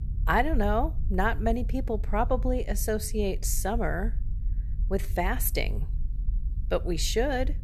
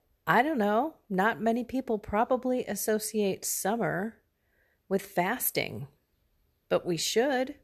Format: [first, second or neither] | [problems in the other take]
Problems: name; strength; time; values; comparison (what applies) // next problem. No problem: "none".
second | low rumble; faint; throughout; 25 dB below the speech